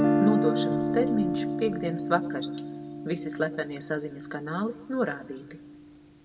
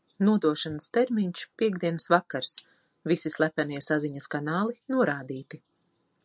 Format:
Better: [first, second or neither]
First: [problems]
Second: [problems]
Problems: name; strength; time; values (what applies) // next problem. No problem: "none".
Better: second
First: background sound (Guitar); 1 dB above the speech // room echo; dies away in 0.9 s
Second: none